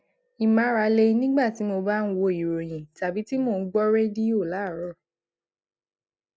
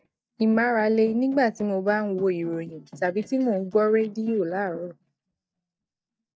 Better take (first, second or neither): first